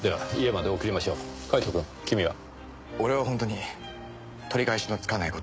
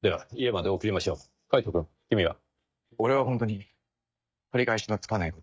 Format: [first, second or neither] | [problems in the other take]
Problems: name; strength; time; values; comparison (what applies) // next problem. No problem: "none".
first | noise reduction (neural mask model DeepFilterNet 3)